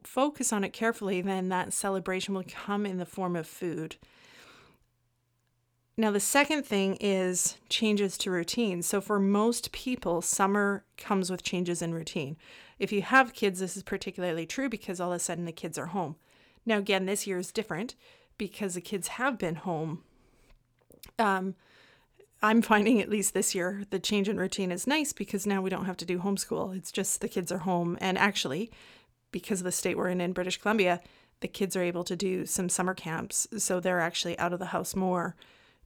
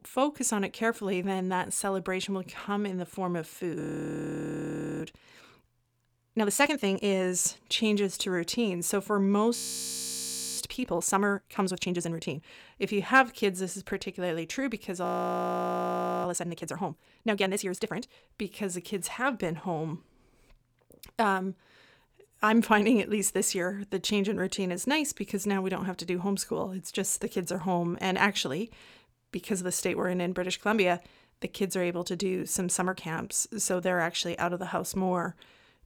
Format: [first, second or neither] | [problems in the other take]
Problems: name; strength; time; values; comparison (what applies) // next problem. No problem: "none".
first | audio freezing; at 4 s for 1 s, at 9.5 s for 1 s and at 15 s for 1 s